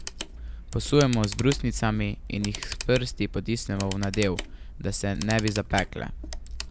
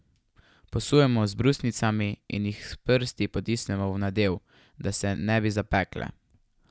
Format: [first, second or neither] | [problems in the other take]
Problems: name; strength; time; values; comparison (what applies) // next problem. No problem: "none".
second | background sound (Camera); 8 dB below the speech